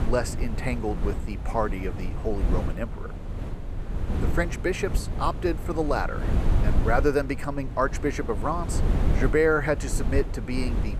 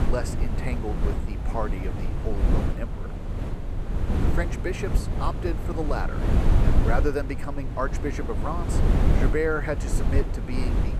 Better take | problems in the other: first | wind noise on the microphone; heavy; 4 dB below the speech; occasional gusts in the first

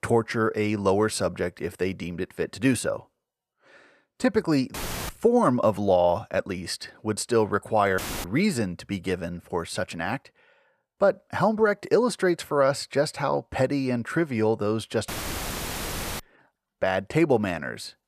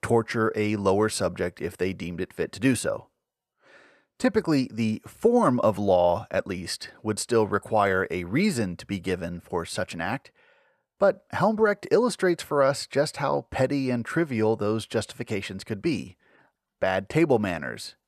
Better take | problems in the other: second | audio cutting out; filled with static; at 4.5 s, at 8 s and at 15 s for 1 s

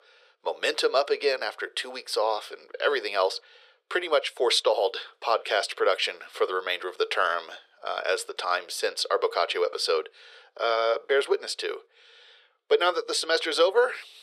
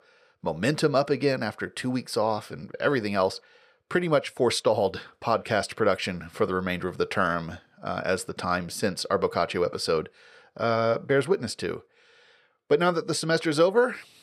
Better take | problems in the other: second | thin; very; fading below 400 Hz

